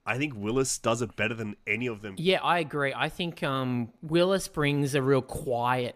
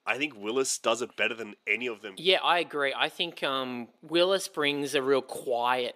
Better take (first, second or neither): first